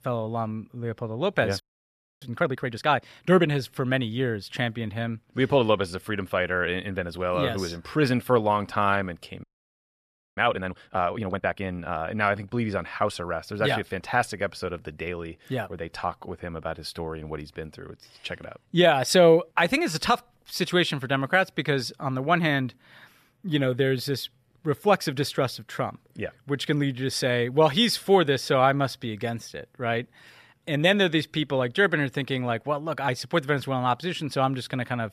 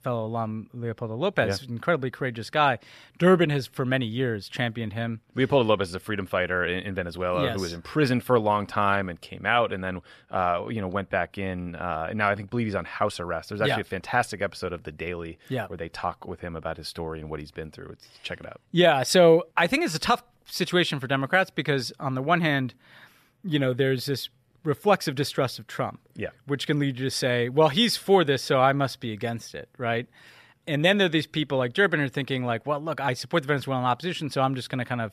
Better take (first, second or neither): second